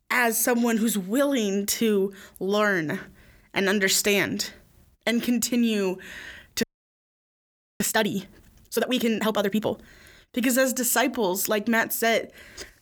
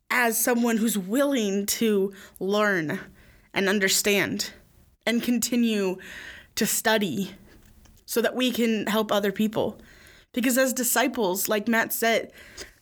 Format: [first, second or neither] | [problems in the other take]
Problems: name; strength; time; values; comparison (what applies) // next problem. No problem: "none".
second | audio freezing; at 6.5 s for 1 s